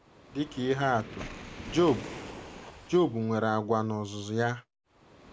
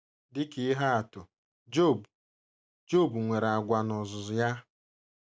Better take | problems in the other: second | background sound (Waves, surf); 15 dB below the speech

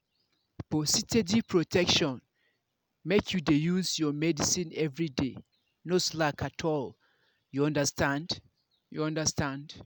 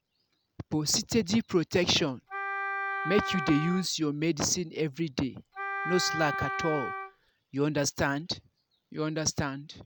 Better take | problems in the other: first | background sound (Wind instrument, woodwind instrument); 4 dB below the speech

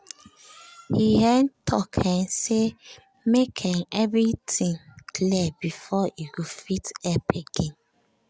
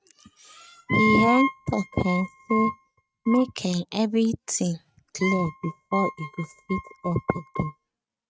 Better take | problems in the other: first | noise reduction (neural mask model RNNoise)

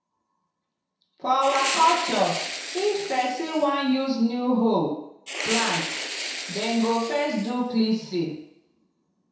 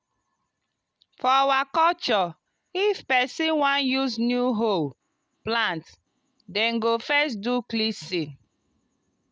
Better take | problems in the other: second | background sound (Fire); 7 dB below the speech // room echo; dies away in 0.7 s

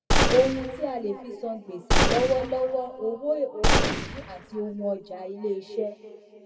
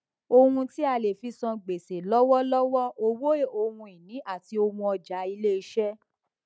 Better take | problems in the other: second | background sound (Gunshot, gunfire); 3 dB above the speech // room echo; dies away in 2.5 s

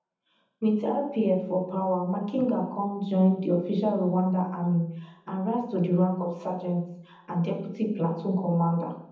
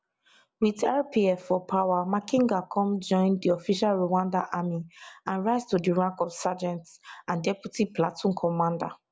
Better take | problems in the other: second | room echo; dies away in 0.8 s

